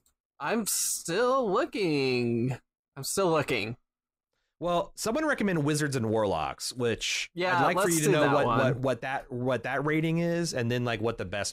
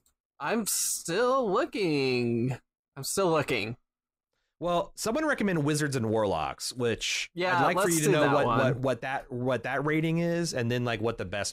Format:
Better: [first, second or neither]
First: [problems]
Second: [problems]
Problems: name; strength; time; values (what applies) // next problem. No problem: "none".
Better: neither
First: none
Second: none